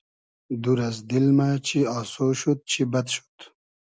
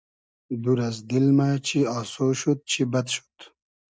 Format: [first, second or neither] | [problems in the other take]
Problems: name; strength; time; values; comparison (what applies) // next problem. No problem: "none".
first | noise reduction (neural mask model DeepFilterNet 3)